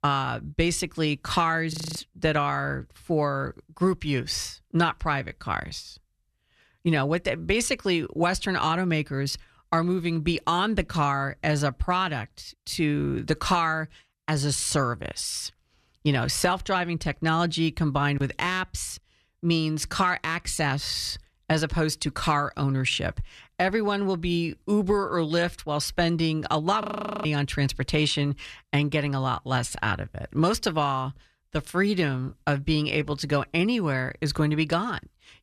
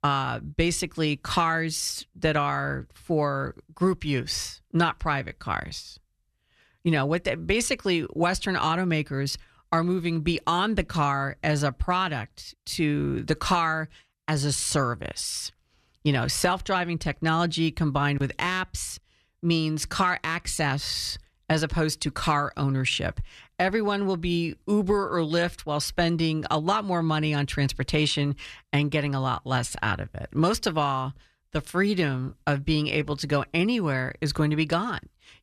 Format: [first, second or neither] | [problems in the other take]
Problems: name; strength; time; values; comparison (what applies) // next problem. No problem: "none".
second | audio freezing; at 1.5 s and at 27 s